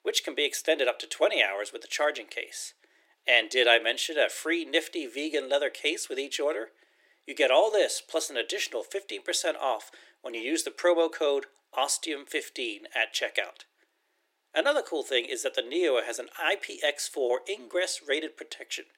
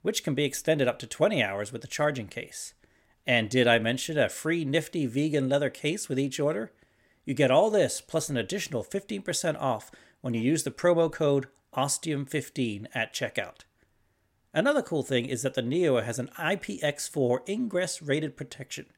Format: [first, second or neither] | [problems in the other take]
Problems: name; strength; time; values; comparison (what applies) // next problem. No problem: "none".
second | thin; very; fading below 350 Hz